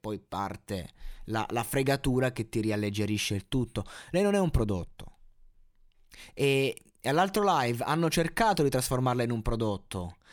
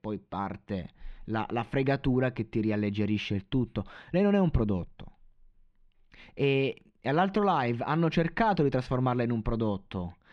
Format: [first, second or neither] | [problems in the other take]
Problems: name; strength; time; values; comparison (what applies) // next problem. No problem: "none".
first | muffled; slightly; fading above 3 kHz